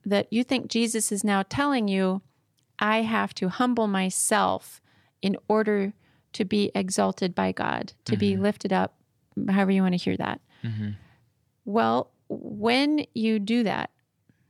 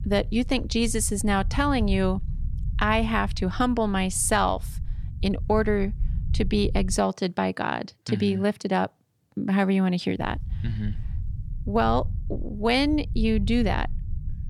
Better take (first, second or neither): first